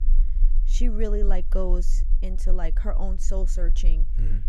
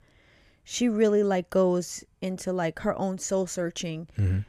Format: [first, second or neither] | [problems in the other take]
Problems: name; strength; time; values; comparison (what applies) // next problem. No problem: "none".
second | low rumble; noticeable; throughout; 20 dB below the speech